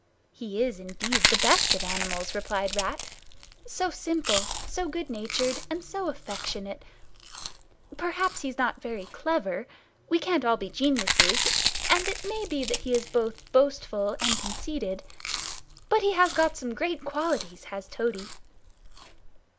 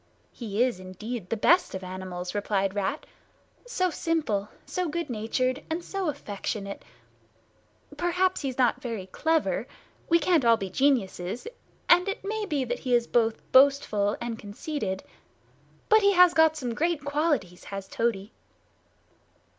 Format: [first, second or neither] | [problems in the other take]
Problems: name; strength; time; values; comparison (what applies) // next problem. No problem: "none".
second | background sound (Chewing, mastication); 3 dB below the speech